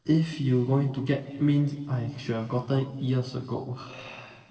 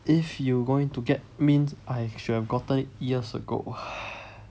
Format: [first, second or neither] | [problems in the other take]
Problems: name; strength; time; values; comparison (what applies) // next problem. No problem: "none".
second | noise reduction (neural separator model SepFormer DNS4)